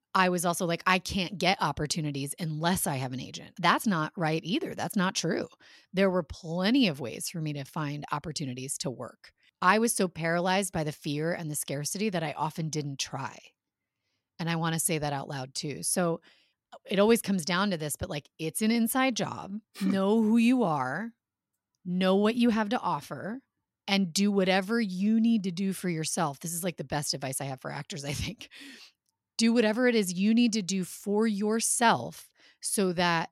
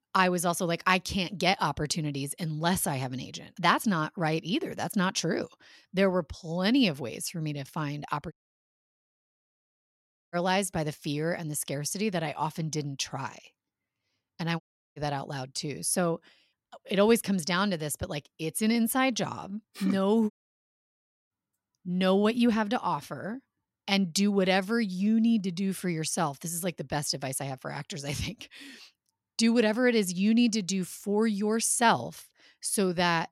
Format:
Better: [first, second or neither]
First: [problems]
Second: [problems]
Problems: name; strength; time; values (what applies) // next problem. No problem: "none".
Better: first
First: none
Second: audio cutting out; at 8.5 s for 2 s, at 15 s and at 20 s for 1 s